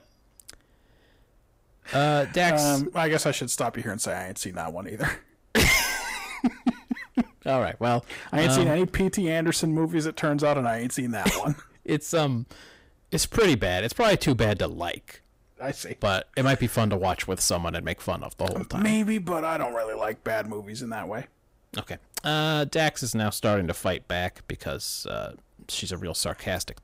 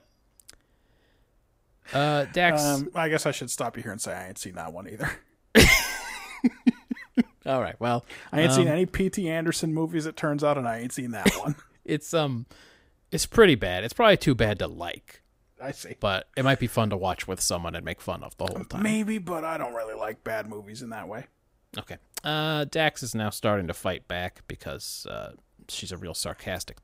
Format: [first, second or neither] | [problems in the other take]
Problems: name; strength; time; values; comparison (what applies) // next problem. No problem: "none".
second | distortion; heavy; 8 dB below the speech